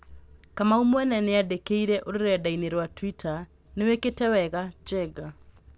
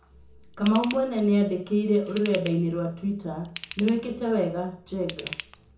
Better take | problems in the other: first | background sound (Ratchet, pawl / Tools); 16 dB below the speech // room echo; dies away in 0.5 s

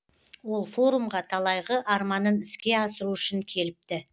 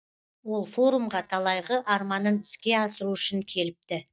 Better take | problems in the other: first | noise reduction (neural mask model DeepFilterNet 3)

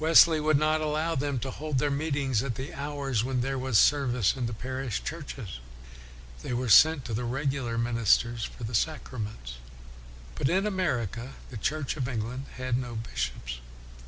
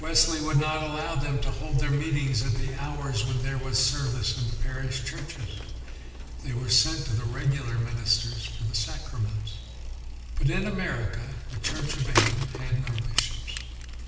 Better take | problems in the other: first | background sound (Bicycle); 12 dB below the speech // room echo; dies away in 1.2 s

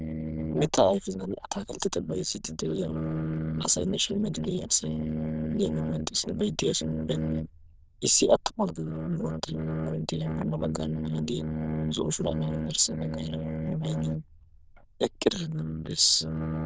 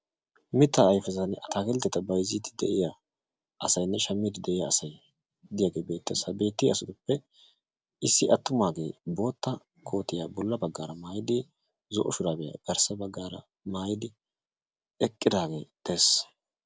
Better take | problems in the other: second | noise reduction (neural diffusion model UNIVERSE++)

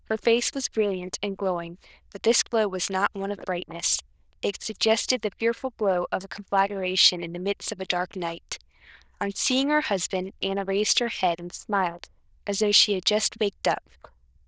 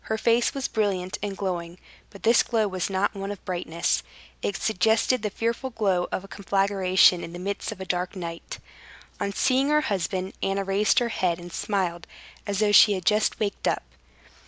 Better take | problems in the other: second | noise reduction (neural diffusion model UNIVERSE++)

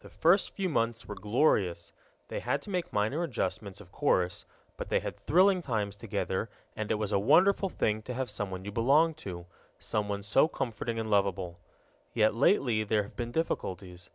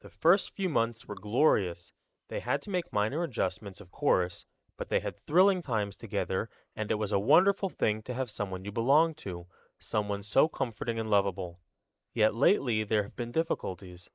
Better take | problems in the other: first | noise reduction (neural mask model Resemble Enhance denoiser)

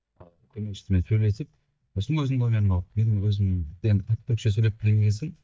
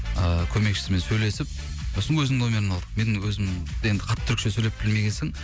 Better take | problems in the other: second | noise reduction (neural mask model DeepFilterNet 3)

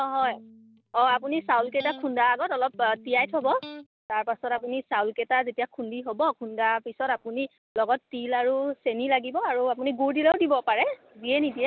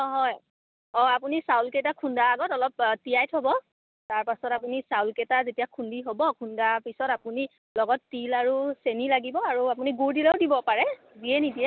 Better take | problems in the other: second | background sound (Electric guitar); 19 dB below the speech

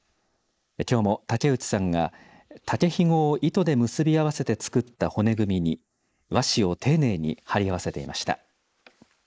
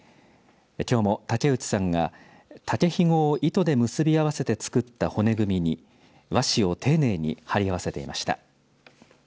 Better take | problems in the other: second | noise reduction (neural mask model Resemble Enhance denoiser)

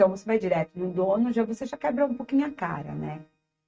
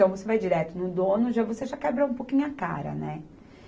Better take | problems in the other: second | noise reduction (neural mask model RNNoise)

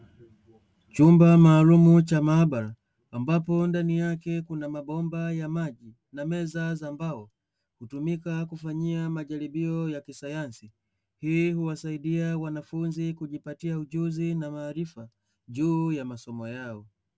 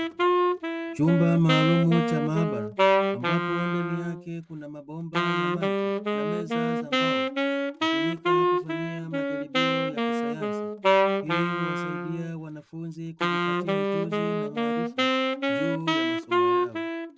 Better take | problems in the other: first | background sound (Wind instrument, woodwind instrument); 5 dB above the speech

